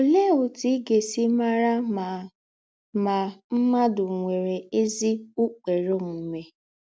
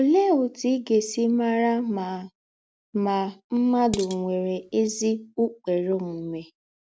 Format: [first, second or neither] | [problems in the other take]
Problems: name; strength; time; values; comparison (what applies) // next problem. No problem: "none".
first | background sound (Dishes, pots, and pans); 13 dB below the speech